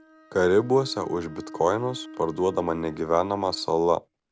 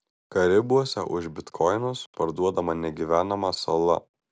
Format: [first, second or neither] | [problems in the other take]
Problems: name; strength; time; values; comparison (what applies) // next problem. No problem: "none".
second | background sound (Bowed string instrument); 18 dB below the speech